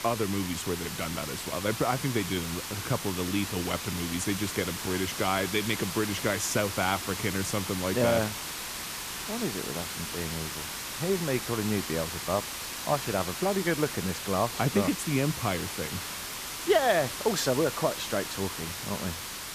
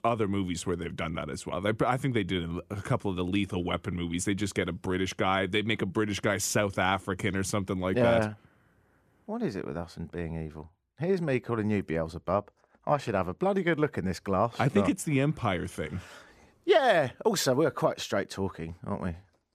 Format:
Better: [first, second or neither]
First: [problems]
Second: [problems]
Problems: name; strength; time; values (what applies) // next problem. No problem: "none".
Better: second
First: hiss; loud; throughout; 4 dB below the speech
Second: none